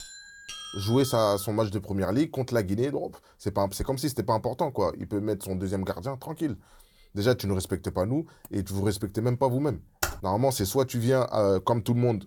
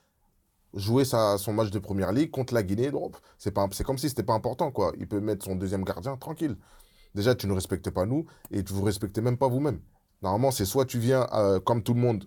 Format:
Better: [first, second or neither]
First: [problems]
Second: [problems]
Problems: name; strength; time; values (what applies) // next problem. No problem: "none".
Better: second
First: doorbell; faint; until 1.5 s; peak 10 dB below the speech // keyboard typing; noticeable; at 10 s; peak 4 dB below the speech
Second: none